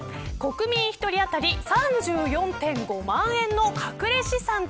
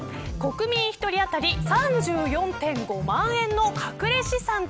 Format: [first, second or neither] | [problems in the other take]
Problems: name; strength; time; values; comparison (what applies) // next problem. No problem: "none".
first | background sound (Wild animals); 11 dB below the speech